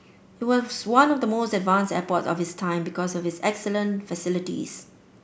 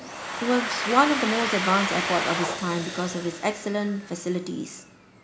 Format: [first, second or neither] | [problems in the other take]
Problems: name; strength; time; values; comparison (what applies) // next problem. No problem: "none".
first | background sound (Domestic sounds, home sounds); 5 dB below the speech